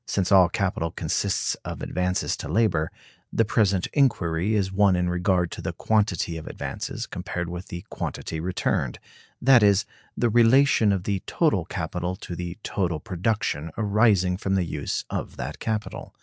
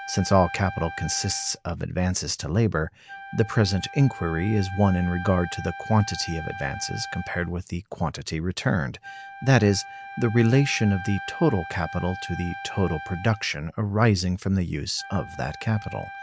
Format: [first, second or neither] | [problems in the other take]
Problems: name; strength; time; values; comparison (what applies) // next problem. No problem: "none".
first | background sound (Wind instrument, woodwind instrument); 14 dB below the speech